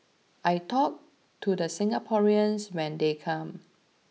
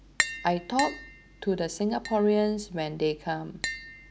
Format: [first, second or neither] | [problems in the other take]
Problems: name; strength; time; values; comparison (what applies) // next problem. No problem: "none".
first | background sound (Tap); 8 dB below the speech